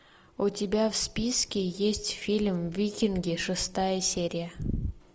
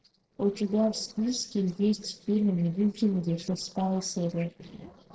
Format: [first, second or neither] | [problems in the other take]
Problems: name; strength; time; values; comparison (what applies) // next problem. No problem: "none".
first | noise reduction (neural separator model SepFormer DNS4)